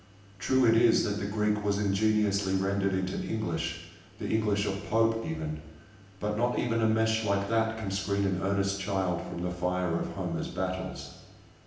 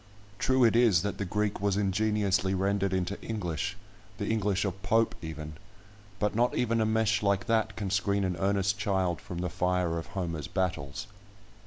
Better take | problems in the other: second | room echo; dies away in 0.9 s

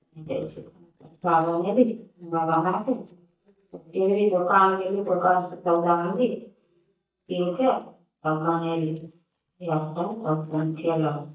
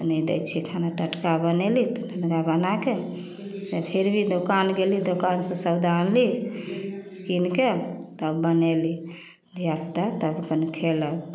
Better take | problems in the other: second | noise reduction (neural mask model DeepFilterNet 3)

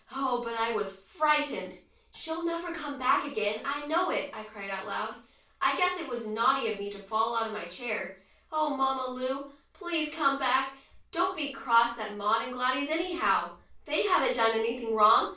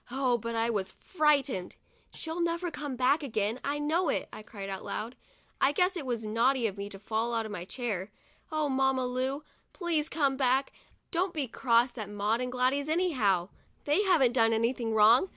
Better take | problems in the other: second | room echo; dies away in 0.3 s

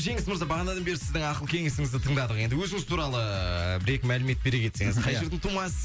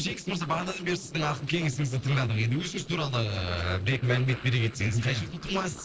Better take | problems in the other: first | noise reduction (neural separator model SepFormer DNS4)

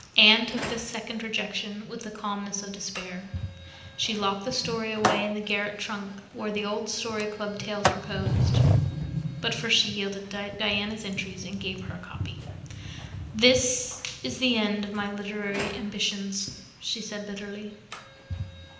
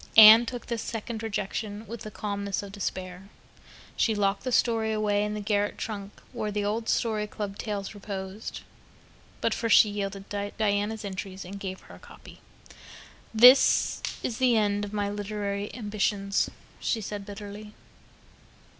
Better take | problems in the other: second | background sound (Sliding door); 4 dB below the speech // room echo; dies away in 0.9 s

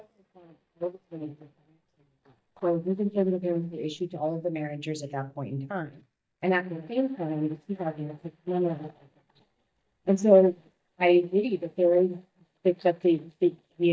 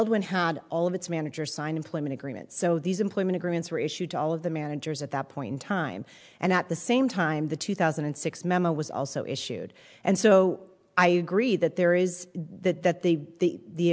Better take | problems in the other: second | noise reduction (neural mask model DeepFilterNet 3)

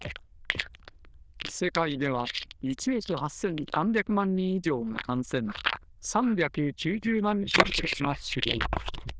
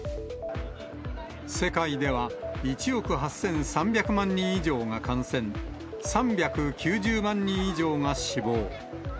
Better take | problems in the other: second | noise reduction (neural diffusion model UNIVERSE++)

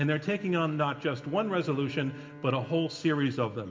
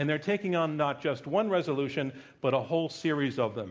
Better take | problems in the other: second | background sound (Bowed string instrument); 18 dB below the speech // room echo; dies away in 1.1 s

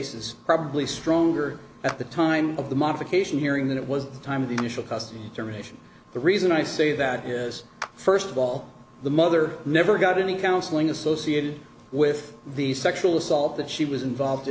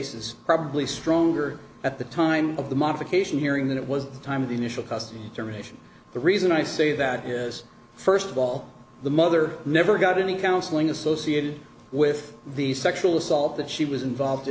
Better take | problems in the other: second | background sound (Clapping); 18 dB below the speech

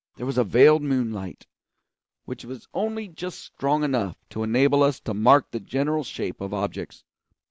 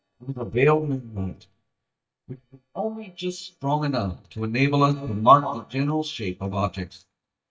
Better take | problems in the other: first | noise reduction (neural mask model DeepFilterNet 3)

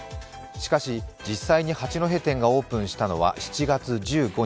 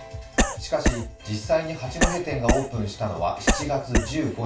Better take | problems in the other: first | background sound (Cough); 2 dB above the speech // room echo; dies away in 0.3 s

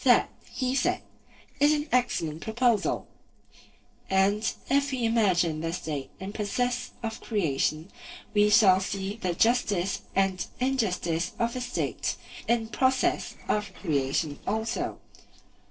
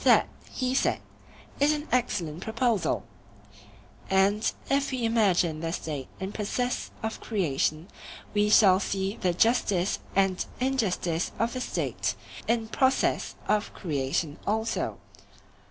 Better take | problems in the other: second | noise reduction (neural separator model SepFormer DNS4)

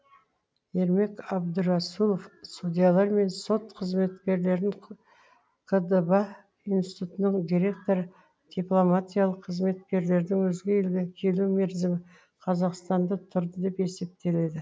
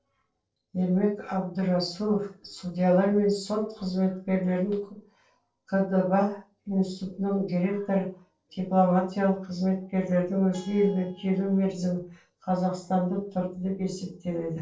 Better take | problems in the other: first | noise reduction (neural separator model SepFormer DNS4)

